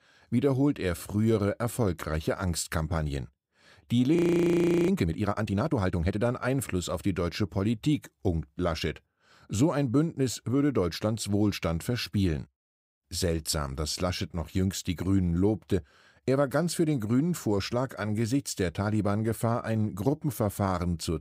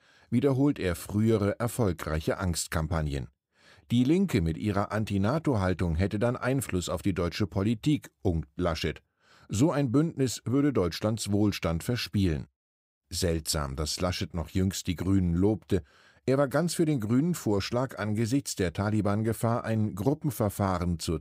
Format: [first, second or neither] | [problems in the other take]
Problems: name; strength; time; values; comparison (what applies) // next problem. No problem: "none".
second | audio freezing; at 4 s for 0.5 s